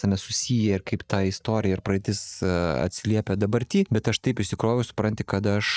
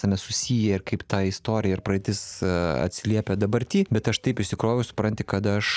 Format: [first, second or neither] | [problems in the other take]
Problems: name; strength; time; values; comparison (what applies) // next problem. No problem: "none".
second | noise reduction (neural mask model DeepFilterNet 3)